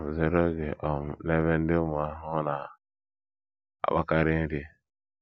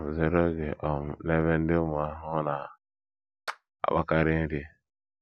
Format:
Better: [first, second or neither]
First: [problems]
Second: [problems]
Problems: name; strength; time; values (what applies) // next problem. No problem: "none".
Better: first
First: none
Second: background sound (Clapping); 17 dB below the speech